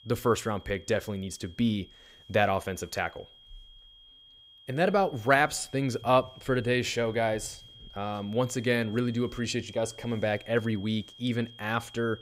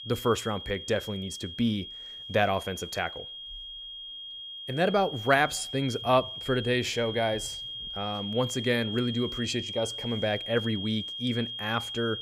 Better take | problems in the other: first | high-pitched whine; loud; throughout; 3 kHz, 7 dB below the speech; faint in the first

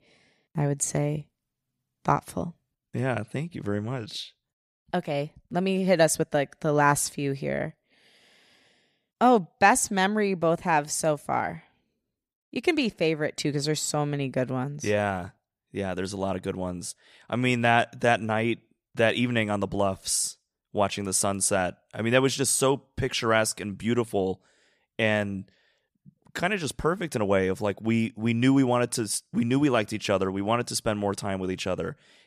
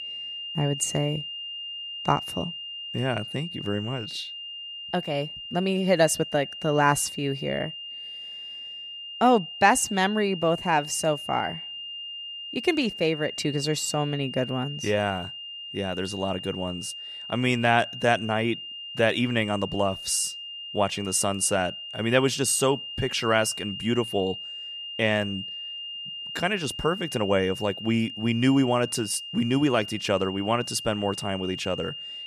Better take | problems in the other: first | high-pitched whine; loud; throughout; 3 kHz, 9 dB below the speech

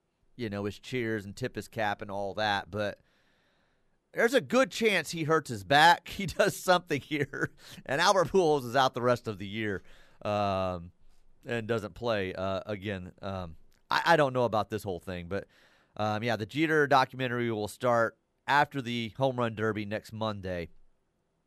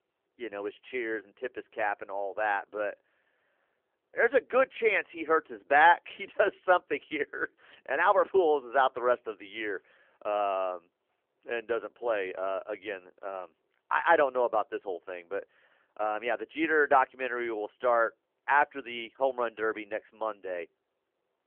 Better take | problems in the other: first | phone-call audio; nothing above 3.5 kHz

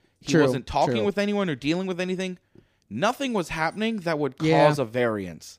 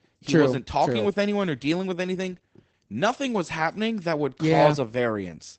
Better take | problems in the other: first | garbled, watery; badly; nothing above 8 kHz

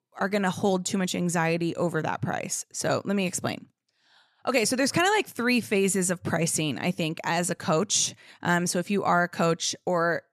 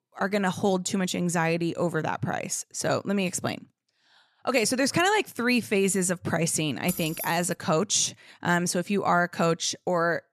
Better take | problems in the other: first | jangling keys; noticeable; at 7 s; peak 7 dB below the speech

